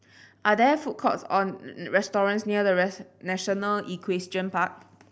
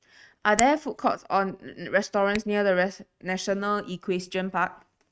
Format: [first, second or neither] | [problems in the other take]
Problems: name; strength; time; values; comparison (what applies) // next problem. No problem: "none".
first | noise reduction (neural mask model RNNoise)